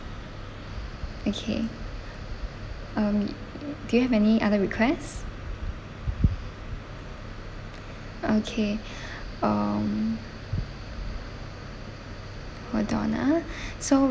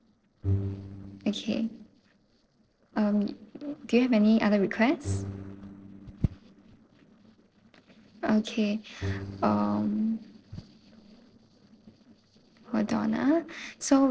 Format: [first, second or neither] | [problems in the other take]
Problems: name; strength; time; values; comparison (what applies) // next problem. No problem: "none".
first | noise reduction (neural separator model SepFormer DNS4)